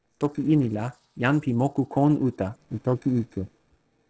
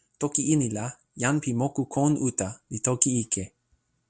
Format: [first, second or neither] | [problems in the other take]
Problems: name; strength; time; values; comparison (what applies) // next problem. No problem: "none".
second | noise reduction (neural separator model SepFormer DNS4)